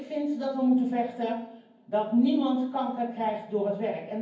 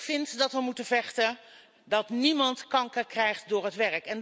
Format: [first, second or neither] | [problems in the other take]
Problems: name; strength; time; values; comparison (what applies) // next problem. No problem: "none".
second | room echo; dies away in 0.9 s